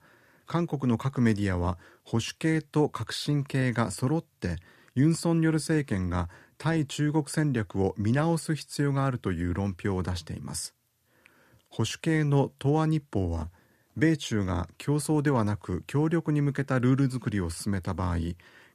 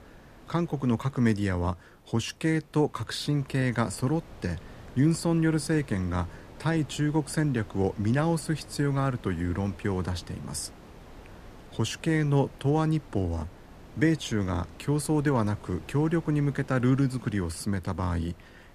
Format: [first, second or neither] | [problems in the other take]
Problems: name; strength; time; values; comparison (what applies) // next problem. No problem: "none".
first | wind noise on the microphone; occasional gusts; 20 dB below the speech